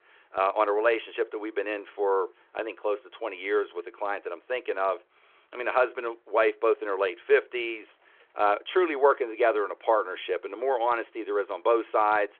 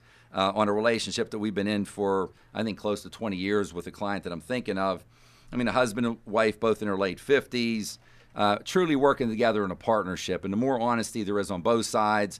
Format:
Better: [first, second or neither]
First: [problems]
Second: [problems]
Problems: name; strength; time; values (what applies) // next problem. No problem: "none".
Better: second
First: phone-call audio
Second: none